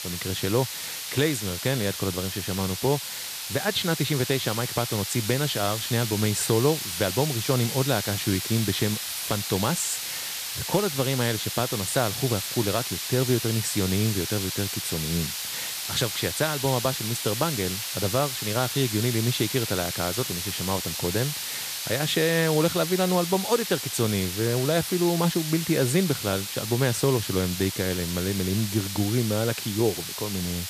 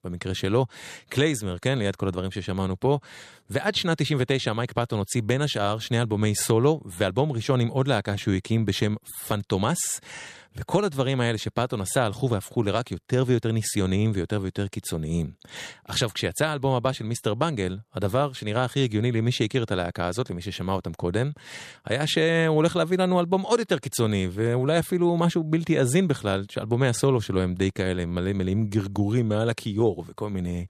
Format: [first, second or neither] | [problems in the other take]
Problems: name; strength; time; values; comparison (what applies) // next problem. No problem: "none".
second | hiss; loud; throughout; 3 dB below the speech